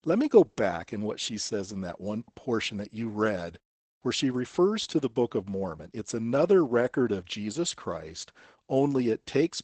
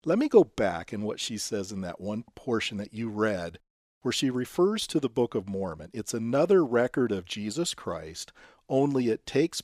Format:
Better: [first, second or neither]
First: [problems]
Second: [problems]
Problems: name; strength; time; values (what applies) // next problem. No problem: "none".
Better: second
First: garbled, watery; badly; nothing above 8 kHz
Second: none